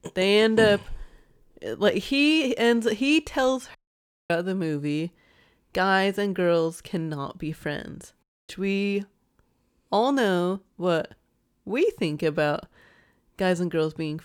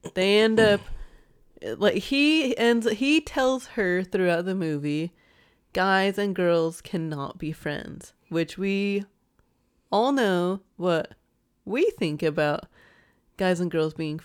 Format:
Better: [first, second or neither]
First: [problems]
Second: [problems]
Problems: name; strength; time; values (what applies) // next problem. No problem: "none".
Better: second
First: audio cutting out; at 4 s for 0.5 s and at 8 s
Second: none